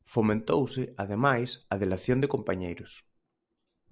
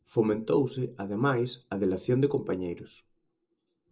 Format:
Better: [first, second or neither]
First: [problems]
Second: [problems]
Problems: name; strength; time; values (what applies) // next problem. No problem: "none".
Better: first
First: none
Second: room echo; dies away in 0.2 s